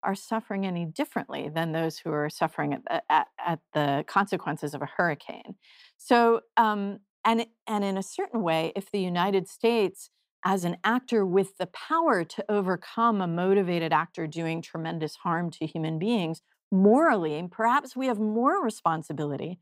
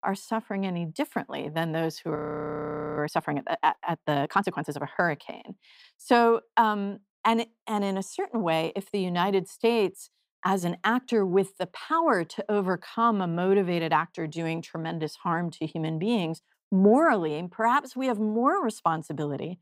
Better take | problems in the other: first | audio freezing; at 2 s for 1 s

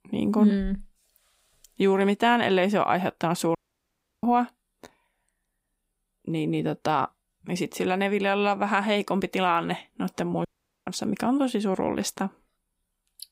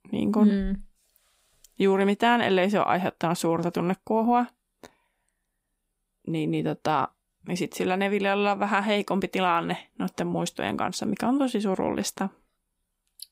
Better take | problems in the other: second | audio cutting out; at 3.5 s for 0.5 s and at 10 s

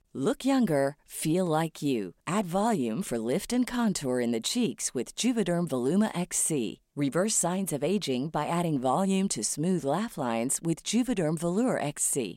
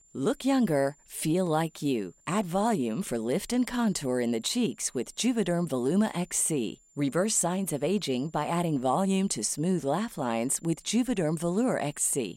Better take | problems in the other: first | high-pitched whine; faint; throughout; 7 kHz, 30 dB below the speech

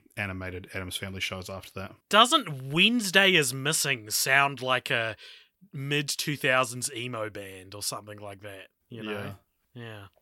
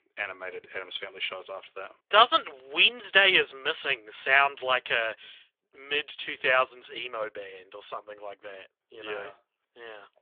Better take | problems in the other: first | phone-call audio; nothing above 3.5 kHz

